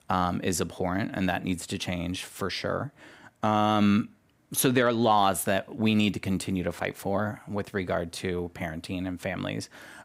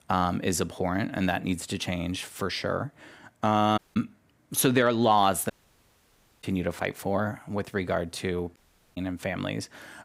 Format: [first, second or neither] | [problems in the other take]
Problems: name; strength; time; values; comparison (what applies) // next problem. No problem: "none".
first | audio cutting out; at 4 s, at 5.5 s for 1 s and at 8.5 s